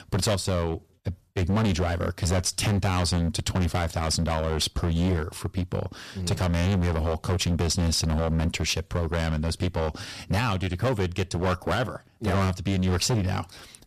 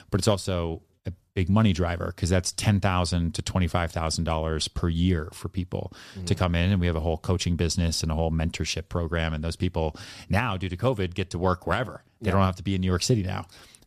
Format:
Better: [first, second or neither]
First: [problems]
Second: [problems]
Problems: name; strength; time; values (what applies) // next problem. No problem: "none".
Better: second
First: distortion; heavy; 16% of the sound clipped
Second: none